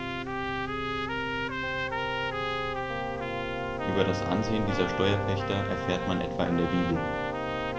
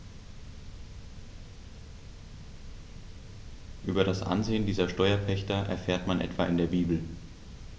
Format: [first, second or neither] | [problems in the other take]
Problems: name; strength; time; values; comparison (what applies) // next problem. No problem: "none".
second | background sound (Trumpet + Keyboard (musical)); as loud as the speech